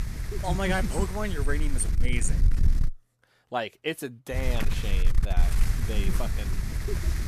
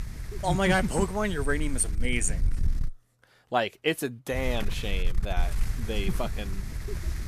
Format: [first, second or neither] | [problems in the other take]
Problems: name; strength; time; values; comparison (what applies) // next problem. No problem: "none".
second | wind noise on the microphone; heavy; until 3 s and from 4.5 s on; 8 dB below the speech; occasional gusts in the second